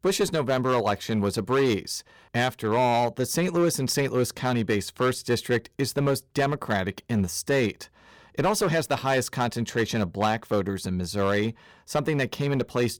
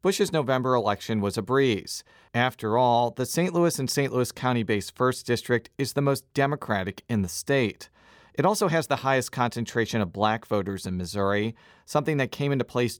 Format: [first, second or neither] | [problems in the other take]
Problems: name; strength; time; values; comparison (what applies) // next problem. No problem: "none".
second | distortion; slight; 7% of the sound clipped